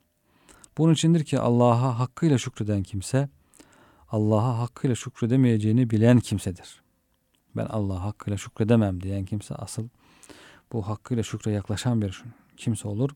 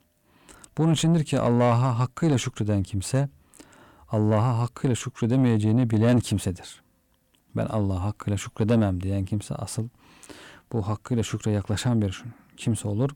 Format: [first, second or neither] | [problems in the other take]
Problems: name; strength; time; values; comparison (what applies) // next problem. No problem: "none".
first | distortion; slight; 10 dB below the speech